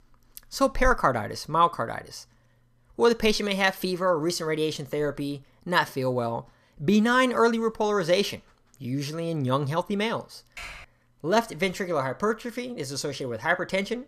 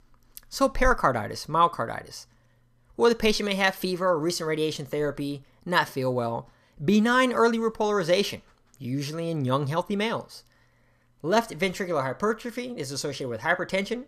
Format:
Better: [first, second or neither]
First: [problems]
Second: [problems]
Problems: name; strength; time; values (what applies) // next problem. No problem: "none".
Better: second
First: keyboard typing; faint; at 11 s; peak 15 dB below the speech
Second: none